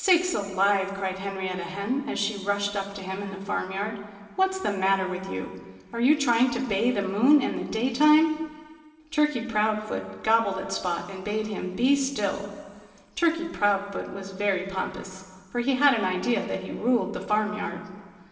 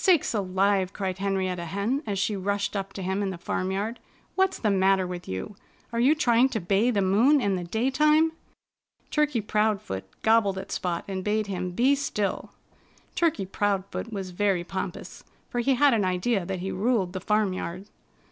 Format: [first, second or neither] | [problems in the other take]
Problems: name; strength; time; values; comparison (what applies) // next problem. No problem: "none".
second | room echo; dies away in 1.9 s